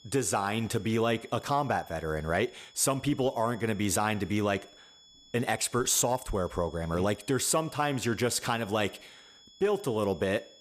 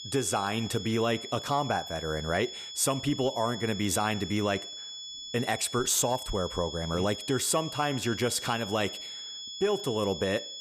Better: first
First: high-pitched whine; faint; throughout; 3.5 kHz, 25 dB below the speech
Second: high-pitched whine; loud; throughout; 3.5 kHz, 9 dB below the speech

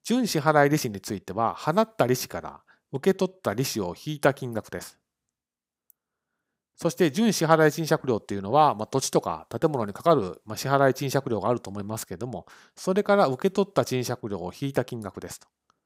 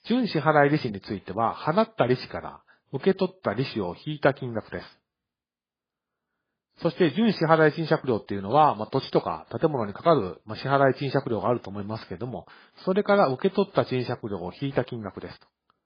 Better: first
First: none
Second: garbled, watery; badly; nothing above 5 kHz

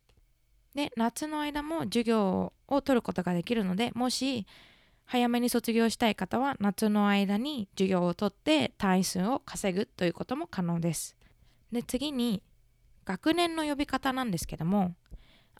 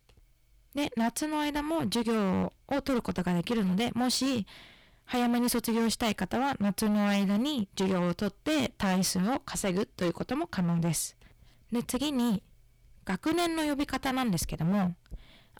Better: first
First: none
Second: distortion; heavy; 16% of the sound clipped

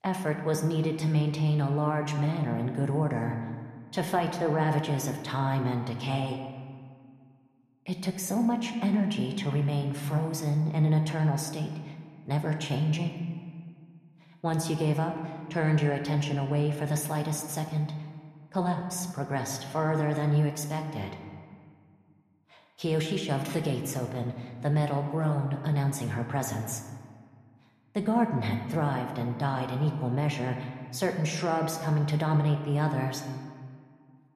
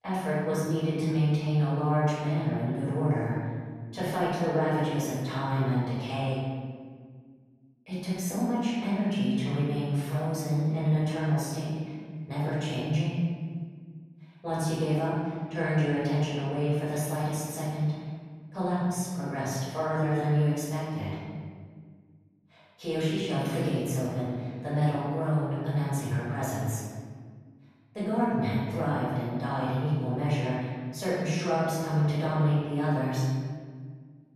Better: first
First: room echo; slight; dies away in 1.6 s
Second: room echo; strong; dies away in 1.7 s // off-mic speech; far

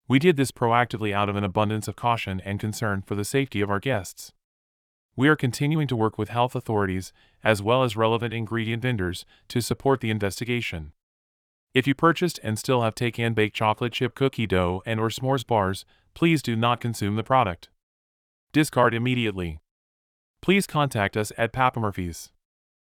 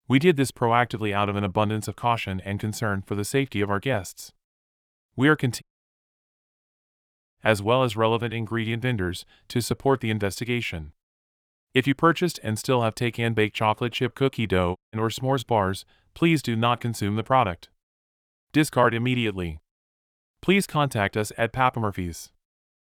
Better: first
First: none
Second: audio cutting out; at 5.5 s for 1.5 s and at 15 s

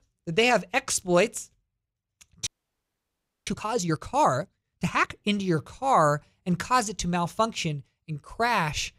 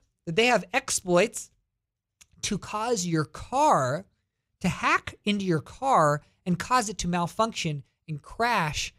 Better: second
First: audio freezing; at 2.5 s for 1 s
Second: none

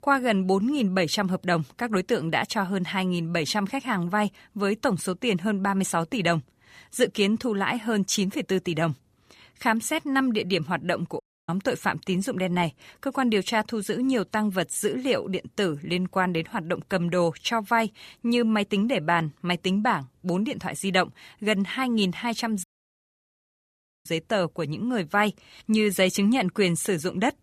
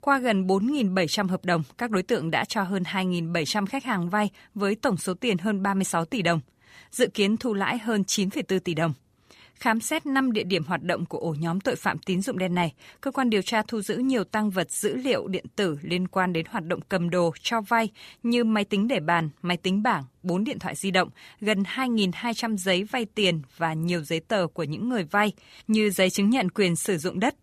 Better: second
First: audio cutting out; at 11 s and at 23 s for 1.5 s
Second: none

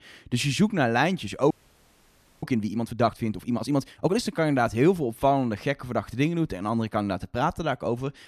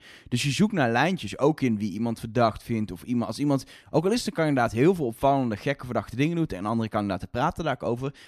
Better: second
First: audio freezing; at 1.5 s for 1 s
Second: none

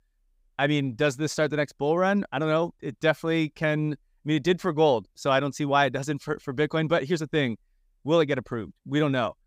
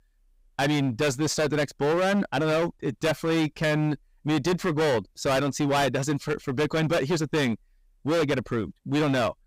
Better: first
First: none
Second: distortion; heavy; 21% of the sound clipped

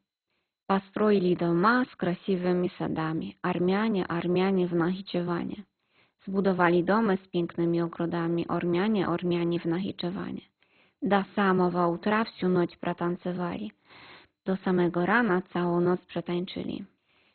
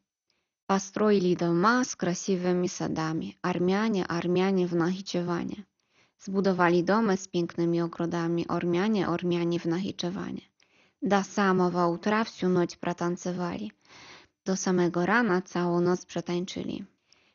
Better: second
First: garbled, watery; badly; nothing above 4 kHz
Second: garbled, watery; slightly; nothing above 6.5 kHz

